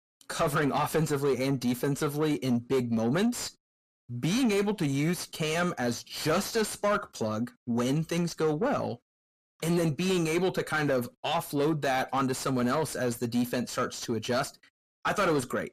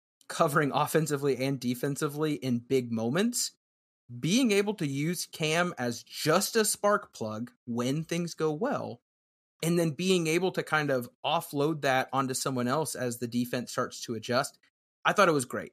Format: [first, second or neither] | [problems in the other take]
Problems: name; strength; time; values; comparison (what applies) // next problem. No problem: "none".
second | distortion; heavy; 8 dB below the speech